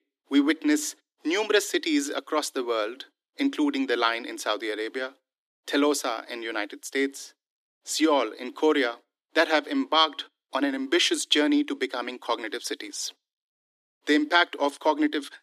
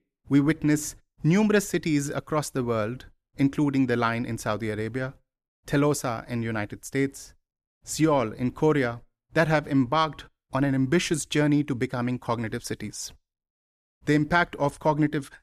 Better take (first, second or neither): second